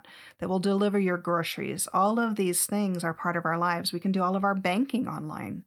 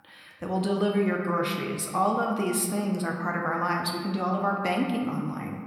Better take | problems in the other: first | room echo; slight; dies away in 1.4 s

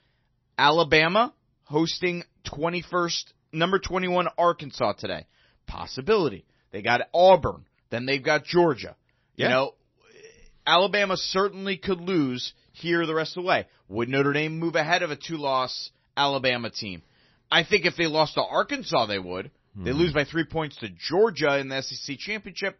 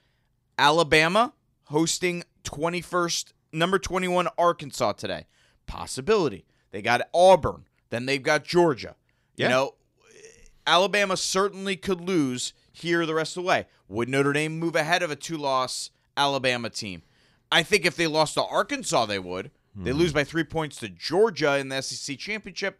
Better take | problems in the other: second | garbled, watery; slightly; nothing above 6 kHz

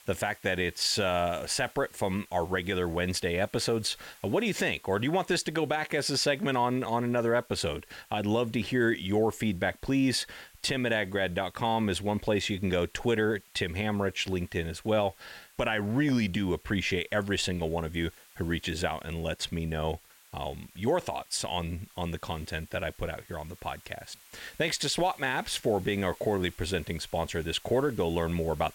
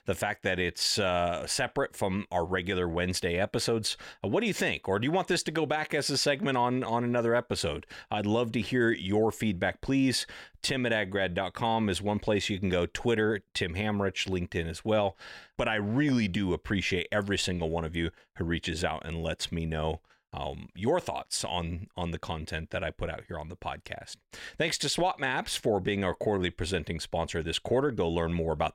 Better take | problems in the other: second | hiss; faint; throughout; 25 dB below the speech

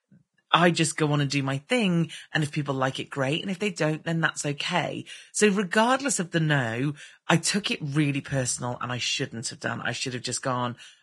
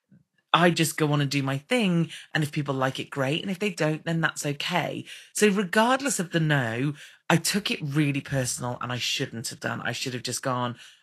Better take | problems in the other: second | garbled, watery; badly; nothing above 10 kHz; slightly in the second

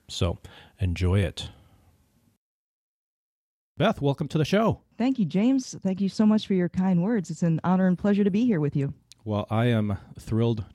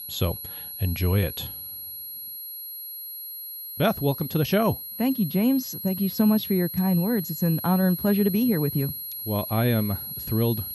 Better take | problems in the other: first | high-pitched whine; loud; throughout; 11.5 kHz, 8 dB below the speech

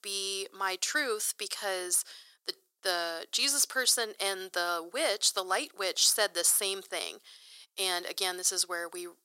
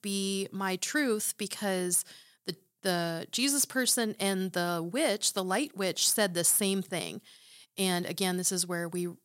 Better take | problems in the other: second | thin; very; fading below 400 Hz

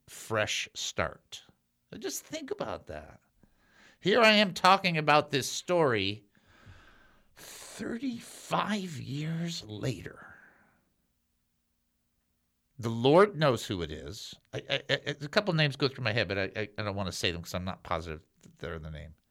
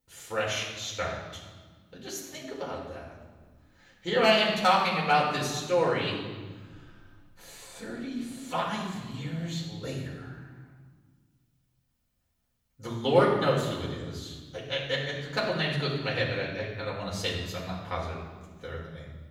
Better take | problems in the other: first | off-mic speech; far // room echo; noticeable; dies away in 1.3 s

